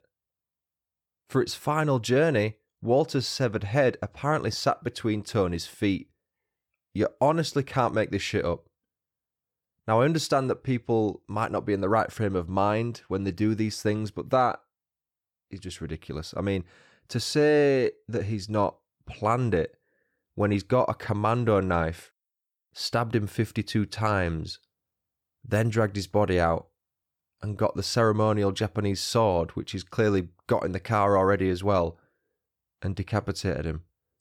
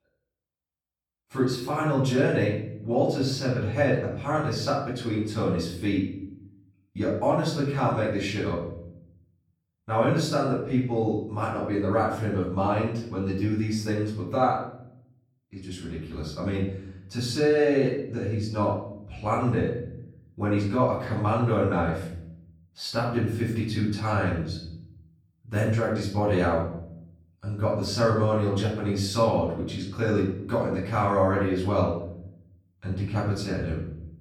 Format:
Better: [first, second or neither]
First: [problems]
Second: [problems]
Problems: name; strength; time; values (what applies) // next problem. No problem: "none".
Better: first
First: none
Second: off-mic speech; far // room echo; noticeable; dies away in 0.7 s